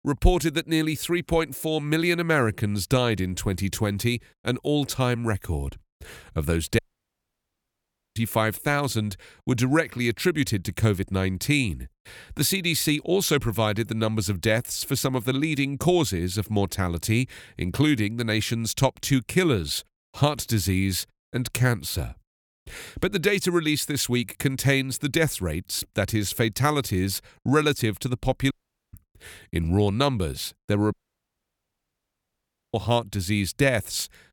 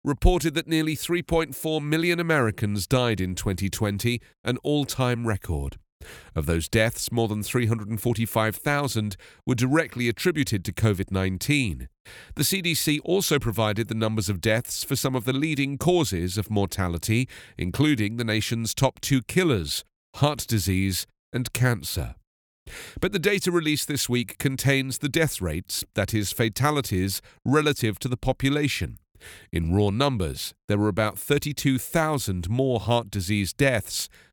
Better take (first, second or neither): second